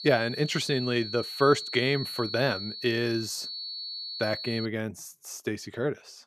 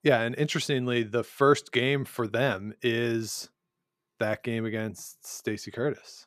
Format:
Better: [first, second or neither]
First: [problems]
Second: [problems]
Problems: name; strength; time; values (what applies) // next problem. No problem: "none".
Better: second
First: high-pitched whine; loud; until 4.5 s; 4.5 kHz, 7 dB below the speech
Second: none